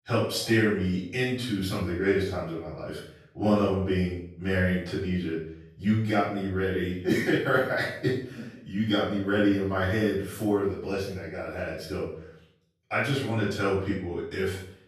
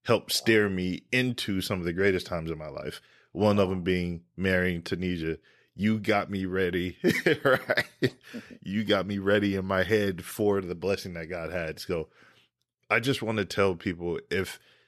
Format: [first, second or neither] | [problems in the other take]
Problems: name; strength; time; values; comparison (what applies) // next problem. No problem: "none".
second | off-mic speech; far // room echo; noticeable; dies away in 0.6 s